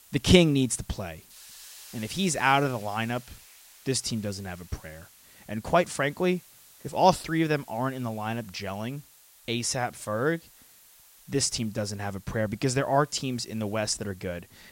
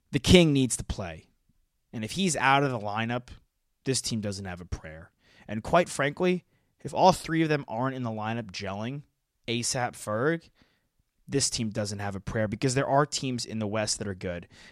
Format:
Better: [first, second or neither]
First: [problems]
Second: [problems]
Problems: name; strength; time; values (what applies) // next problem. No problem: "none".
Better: second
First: hiss; faint; throughout; 25 dB below the speech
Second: none